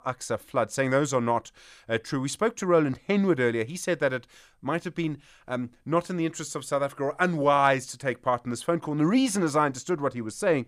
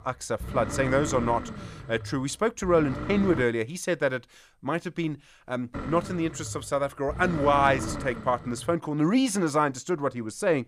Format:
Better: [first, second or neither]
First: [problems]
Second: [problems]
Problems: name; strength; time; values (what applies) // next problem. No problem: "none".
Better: first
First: none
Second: low rumble; noticeable; until 3.5 s and from 5.5 to 8.5 s; 10 dB below the speech